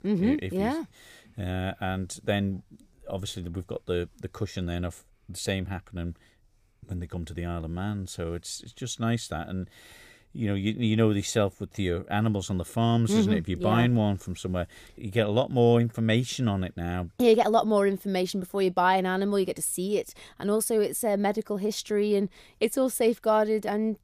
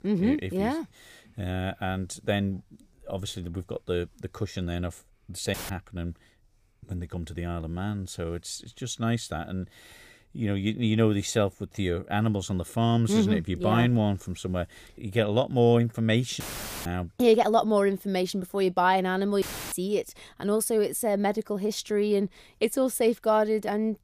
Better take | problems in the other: first | audio cutting out; filled with static; at 5.5 s, at 16 s and at 19 s

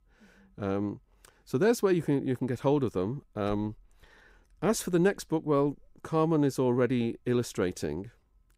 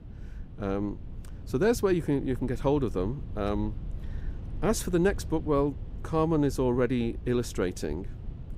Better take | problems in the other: first | low rumble; faint; throughout; 25 dB below the speech

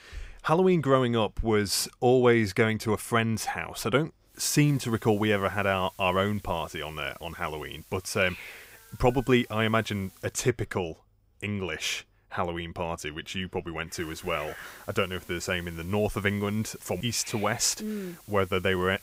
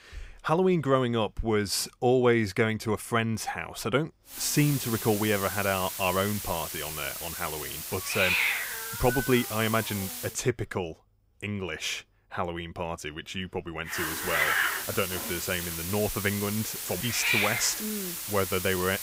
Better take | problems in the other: first | hiss; loud; from 4.5 to 10 s and from 14 s on; 1 dB below the speech; faint in the first

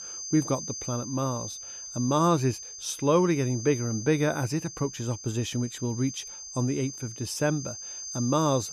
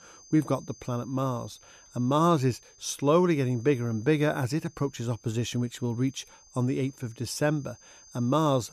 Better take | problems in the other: second | high-pitched whine; loud; throughout; 6.5 kHz, 9 dB below the speech; faint in the second

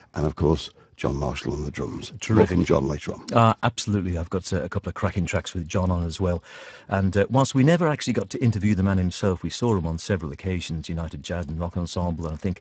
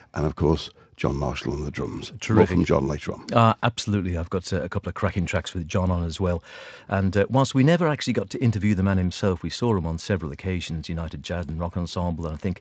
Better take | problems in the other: second | garbled, watery; badly; nothing above 8 kHz; slightly in the second

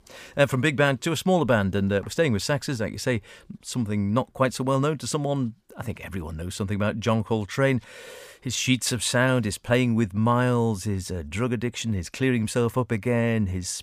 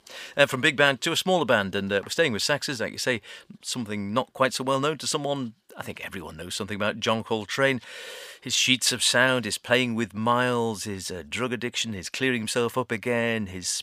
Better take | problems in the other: first | thin; very slightly; fading below 850 Hz

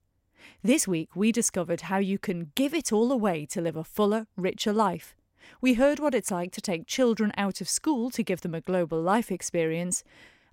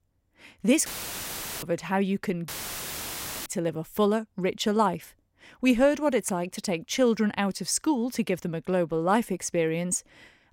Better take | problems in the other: first | audio cutting out; filled with static; at 1 s for 1 s and at 2.5 s for 1 s

